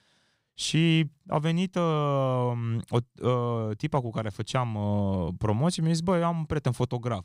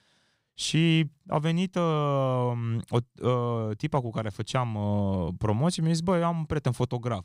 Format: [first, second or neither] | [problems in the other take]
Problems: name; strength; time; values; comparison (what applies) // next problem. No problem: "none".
neither | none